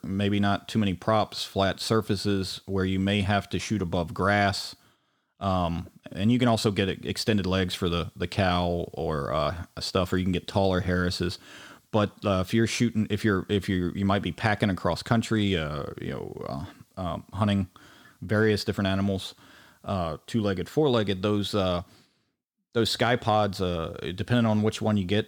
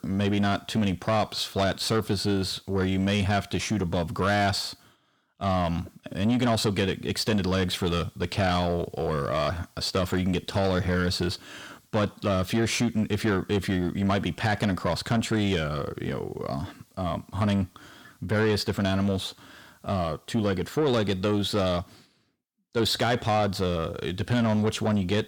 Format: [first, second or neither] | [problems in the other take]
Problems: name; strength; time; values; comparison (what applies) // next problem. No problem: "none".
first | distortion; slight; 10 dB below the speech